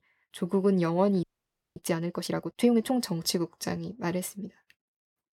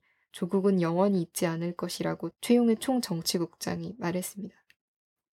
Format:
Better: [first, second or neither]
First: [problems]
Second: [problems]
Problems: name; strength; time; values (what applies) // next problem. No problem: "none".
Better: second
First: audio freezing; at 1 s for 0.5 s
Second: none